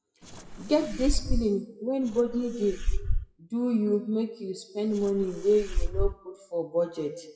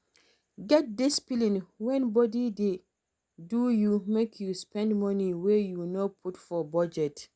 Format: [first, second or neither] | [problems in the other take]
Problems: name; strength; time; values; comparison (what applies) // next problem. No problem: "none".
second | noise reduction (classical method WPE with log-MMSE)